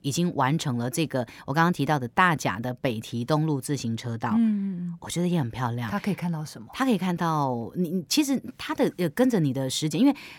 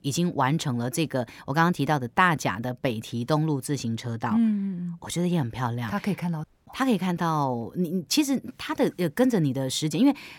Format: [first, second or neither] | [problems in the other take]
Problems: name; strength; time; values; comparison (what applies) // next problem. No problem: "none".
first | audio cutting out; at 6.5 s